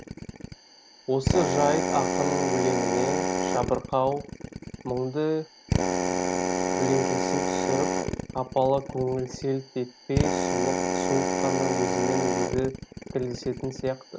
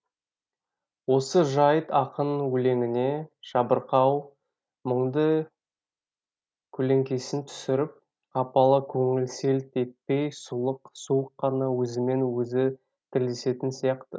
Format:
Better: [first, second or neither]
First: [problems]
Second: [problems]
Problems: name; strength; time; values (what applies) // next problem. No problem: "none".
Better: second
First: background sound (Drill); 1 dB above the speech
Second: none